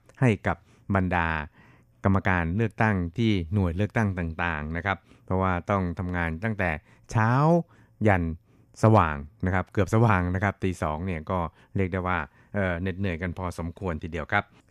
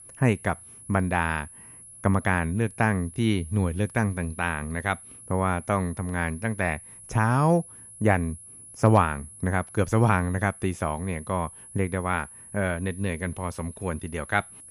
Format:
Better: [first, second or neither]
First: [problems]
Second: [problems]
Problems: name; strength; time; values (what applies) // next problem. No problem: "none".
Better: first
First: none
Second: high-pitched whine; noticeable; throughout; 10.5 kHz, 15 dB below the speech